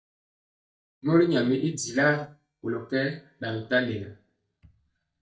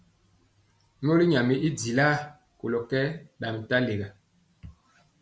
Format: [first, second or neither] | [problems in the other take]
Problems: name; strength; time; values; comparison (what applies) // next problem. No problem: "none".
second | noise reduction (neural mask model DeepFilterNet 3)